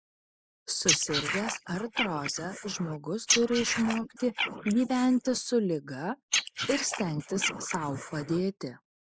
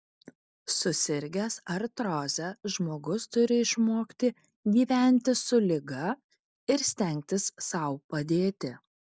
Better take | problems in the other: second | noise reduction (neural mask model Resemble Enhance denoiser)

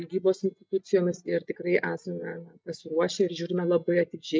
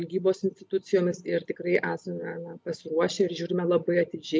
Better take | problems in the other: second | noise reduction (neural mask model DeepFilterNet 3)

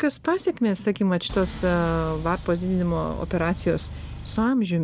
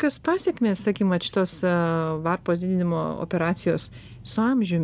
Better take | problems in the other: second | background sound (Engine); 11 dB below the speech

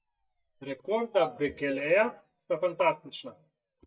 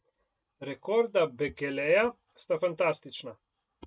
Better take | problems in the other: second | noise reduction (neural mask model DeepFilterNet 3)

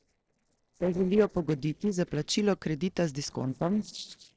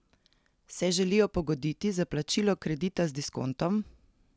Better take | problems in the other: second | noise reduction (neural separator model SepFormer DNS4)

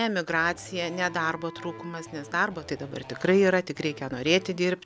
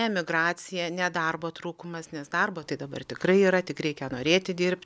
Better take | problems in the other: second | background sound (Wind instrument, woodwind instrument + Electric guitar / Bass guitar); 18 dB below the speech

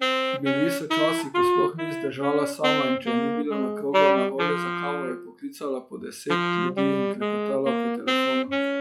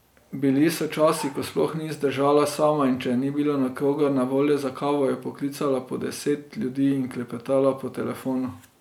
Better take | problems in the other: second | noise reduction (classical method log-MMSE)

